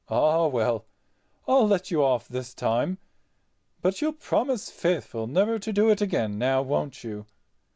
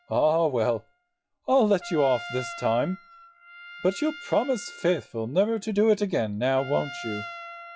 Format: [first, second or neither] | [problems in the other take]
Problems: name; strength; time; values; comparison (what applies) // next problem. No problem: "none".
first | noise reduction (classical method log-MMSE)